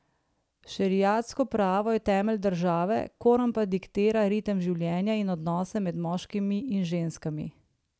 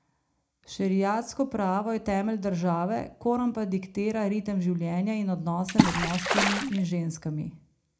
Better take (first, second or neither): first